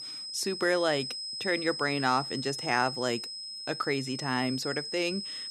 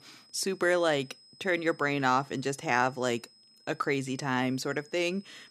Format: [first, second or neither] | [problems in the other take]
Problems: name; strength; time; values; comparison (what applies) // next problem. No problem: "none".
second | high-pitched whine; loud; throughout; 5 kHz, 5 dB below the speech; faint in the second